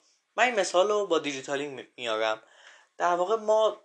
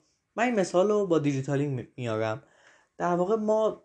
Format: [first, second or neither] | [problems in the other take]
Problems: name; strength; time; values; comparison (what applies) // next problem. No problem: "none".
second | thin; somewhat; fading below 600 Hz